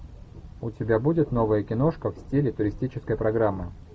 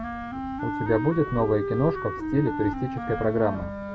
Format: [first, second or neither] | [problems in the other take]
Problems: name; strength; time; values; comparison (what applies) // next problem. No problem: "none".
first | background sound (Wind instrument, woodwind instrument); 5 dB below the speech